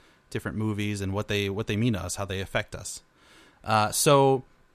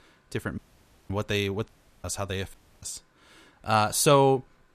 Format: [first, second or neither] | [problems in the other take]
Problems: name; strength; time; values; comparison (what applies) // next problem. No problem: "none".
first | audio cutting out; at 0.5 s for 0.5 s, at 1.5 s and at 2.5 s